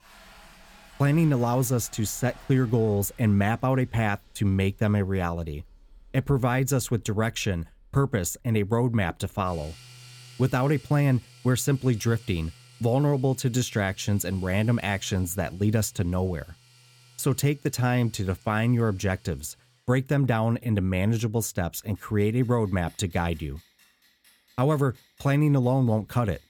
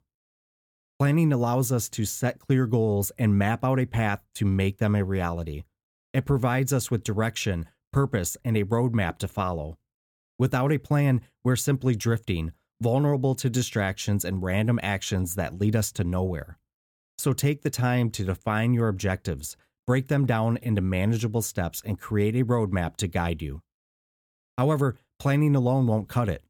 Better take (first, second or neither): second